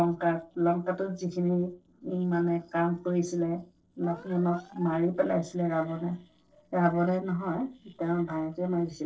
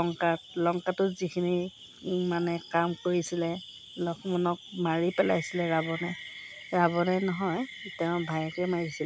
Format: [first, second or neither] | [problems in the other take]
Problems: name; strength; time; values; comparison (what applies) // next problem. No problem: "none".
second | noise reduction (neural separator model SepFormer DNS4)